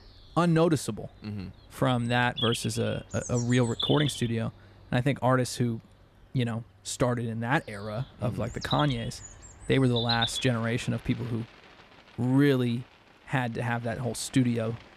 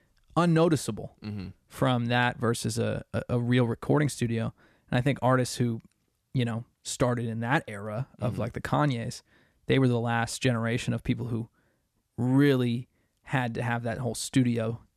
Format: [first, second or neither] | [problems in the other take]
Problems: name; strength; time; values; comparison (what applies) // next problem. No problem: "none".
second | animal sounds; loud; throughout; 7 dB below the speech